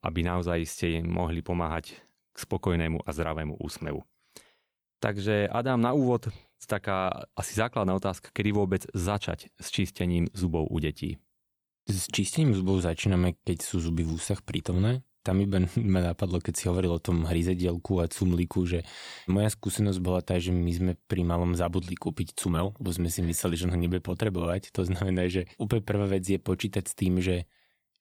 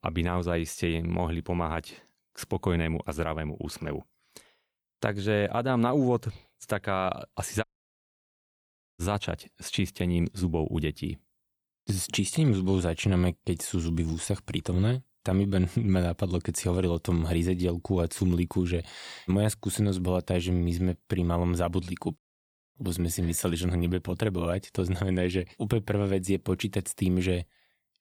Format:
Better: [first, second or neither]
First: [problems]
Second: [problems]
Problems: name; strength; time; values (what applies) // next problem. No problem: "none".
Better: first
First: none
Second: audio cutting out; at 7.5 s for 1.5 s and at 22 s for 0.5 s